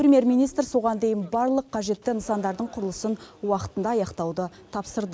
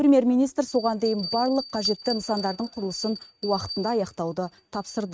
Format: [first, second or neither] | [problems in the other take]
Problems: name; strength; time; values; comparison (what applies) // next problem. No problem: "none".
first | noise reduction (neural mask model RNNoise)